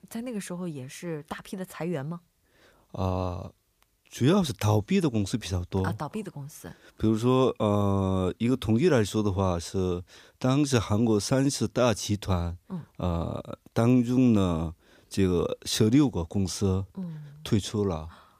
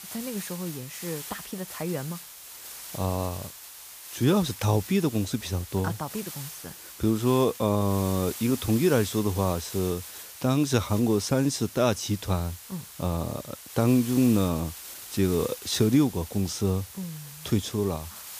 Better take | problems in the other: first | hiss; noticeable; throughout; 10 dB below the speech

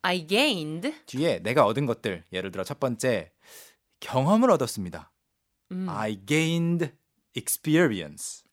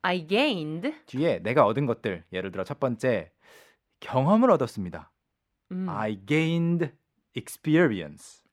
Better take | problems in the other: first | muffled; slightly; fading above 4 kHz

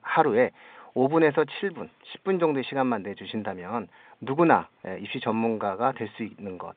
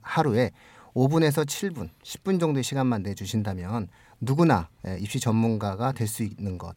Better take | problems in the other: second | phone-call audio; nothing above 3.5 kHz

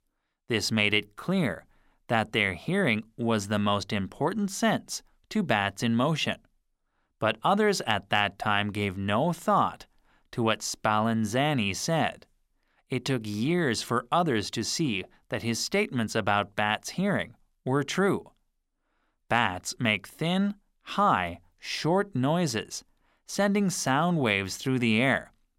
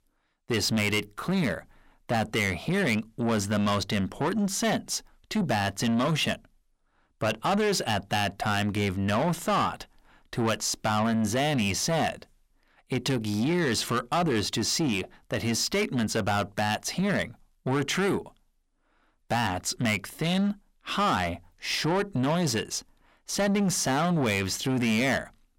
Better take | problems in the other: first | distortion; heavy; 7 dB below the speech

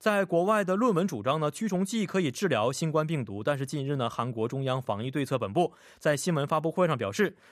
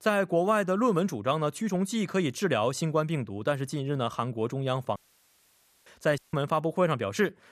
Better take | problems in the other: first | audio cutting out; at 5 s for 1 s and at 6 s

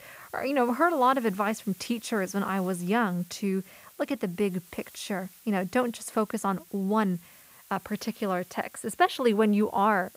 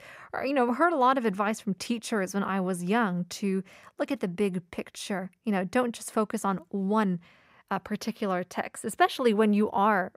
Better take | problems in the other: second | hiss; faint; throughout; 20 dB below the speech

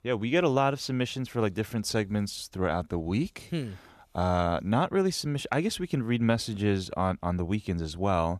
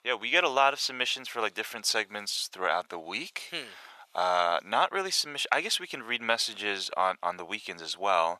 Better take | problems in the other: first | thin; very; fading below 800 Hz

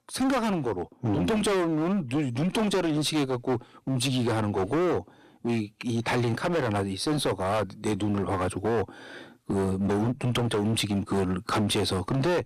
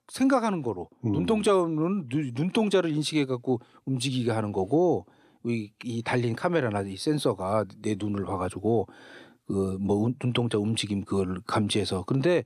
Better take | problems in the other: second | distortion; heavy; 23% of the sound clipped

